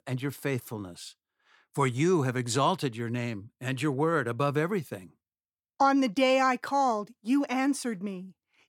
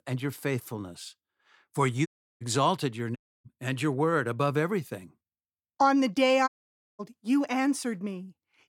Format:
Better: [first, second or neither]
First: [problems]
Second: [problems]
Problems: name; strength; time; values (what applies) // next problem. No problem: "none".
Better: first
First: none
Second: audio cutting out; at 2 s, at 3 s and at 6.5 s for 0.5 s